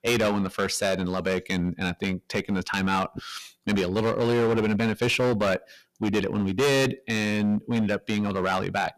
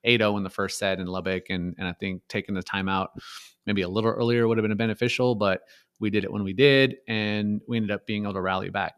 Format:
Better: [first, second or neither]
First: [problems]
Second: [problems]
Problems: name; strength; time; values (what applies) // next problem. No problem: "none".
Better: second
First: distortion; heavy; 13% of the sound clipped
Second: none